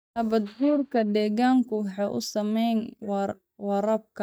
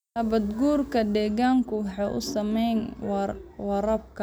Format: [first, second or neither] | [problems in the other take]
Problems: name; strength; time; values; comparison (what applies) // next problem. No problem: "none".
second | noise reduction (neural mask model DeepFilterNet 3)